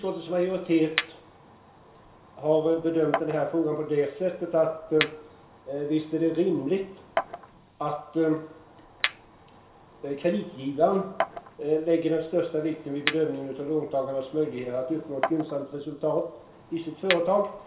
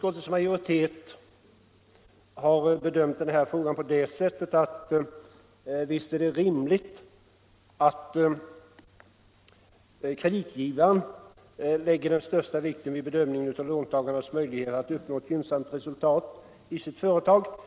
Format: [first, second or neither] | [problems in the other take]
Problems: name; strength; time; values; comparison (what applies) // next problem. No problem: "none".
second | background sound (Chink, clink); 10 dB below the speech // room echo; dies away in 0.5 s